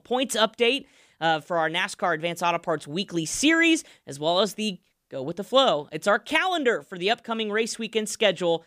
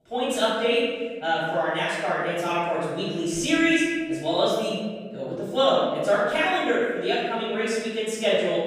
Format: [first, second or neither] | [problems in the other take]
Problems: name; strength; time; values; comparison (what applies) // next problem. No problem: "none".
first | off-mic speech; far // room echo; strong; dies away in 1.5 s